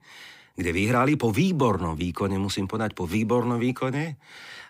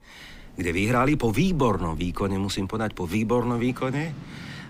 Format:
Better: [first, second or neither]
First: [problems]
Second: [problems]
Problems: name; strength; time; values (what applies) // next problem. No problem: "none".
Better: first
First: none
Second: rain or running water; noticeable; throughout; 20 dB below the speech